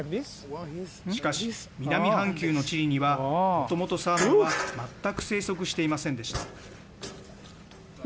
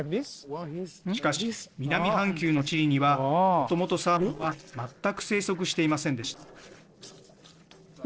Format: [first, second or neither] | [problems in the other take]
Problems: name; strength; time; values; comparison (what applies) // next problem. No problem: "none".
first | noise reduction (neural separator model SepFormer DNS4)